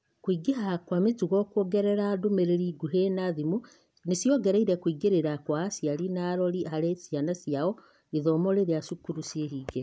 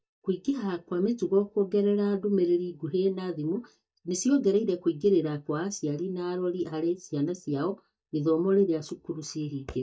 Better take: first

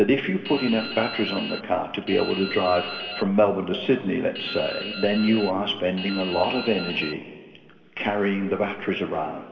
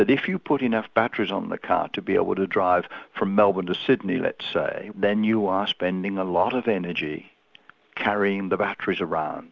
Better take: second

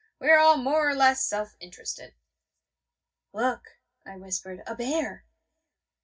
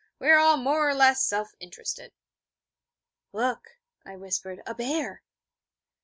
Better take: second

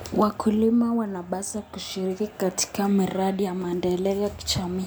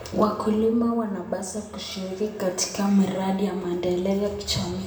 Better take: first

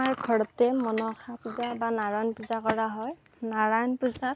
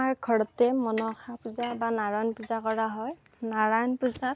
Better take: second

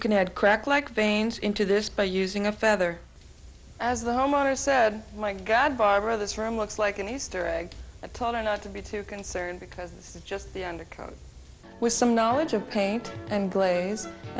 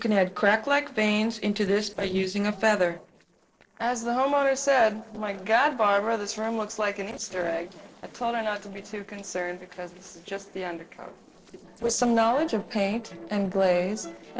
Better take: first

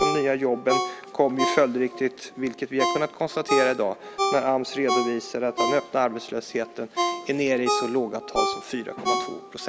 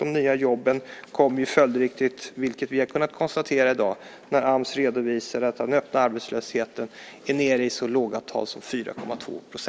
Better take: second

